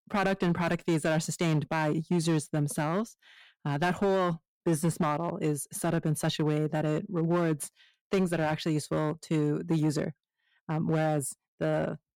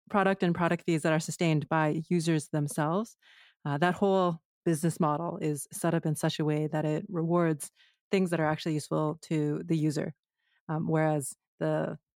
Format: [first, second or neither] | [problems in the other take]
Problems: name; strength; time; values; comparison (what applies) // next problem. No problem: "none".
second | distortion; slight; 6% of the sound clipped